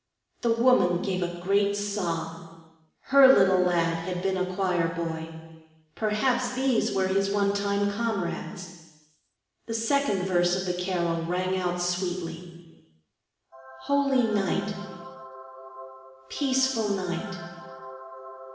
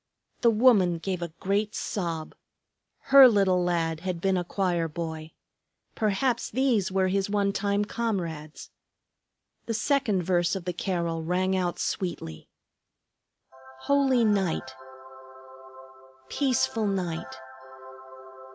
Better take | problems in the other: second | room echo; dies away in 1.3 s

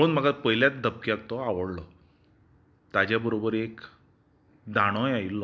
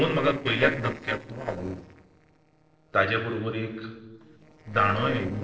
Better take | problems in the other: first | noise reduction (neural separator model SepFormer DNS4)

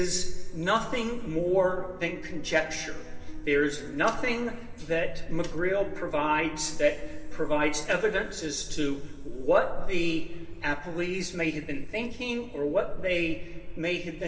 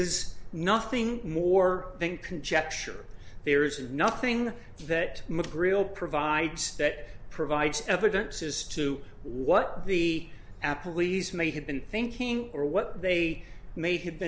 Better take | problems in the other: second | background sound (Piano); 20 dB below the speech // room echo; dies away in 2.7 s

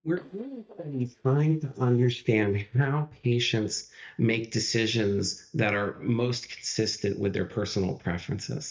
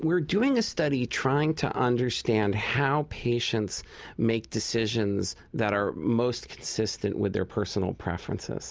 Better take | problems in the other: second | noise reduction (neural mask model DeepFilterNet 3)

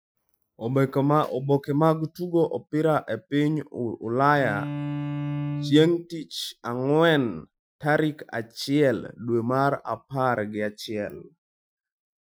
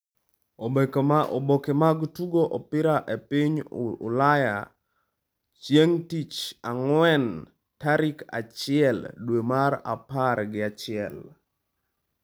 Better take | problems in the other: second | noise reduction (classical method Wiener filter)

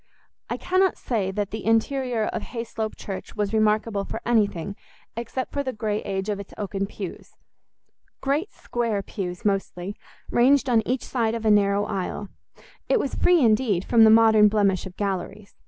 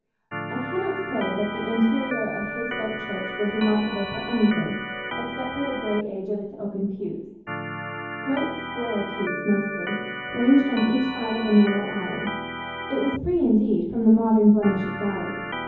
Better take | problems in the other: first | background sound (Organ); 8 dB below the speech // room echo; dies away in 0.9 s

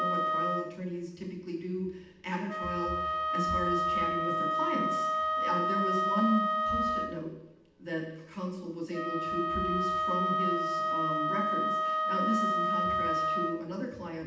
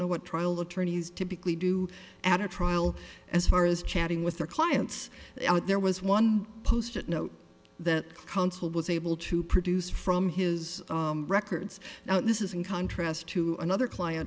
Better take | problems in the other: second | background sound (Wind instrument, woodwind instrument); 4 dB above the speech // room echo; dies away in 0.8 s

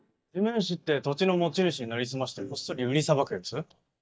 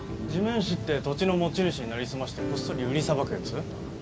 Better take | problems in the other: second | noise reduction (neural mask model DeepFilterNet 3)

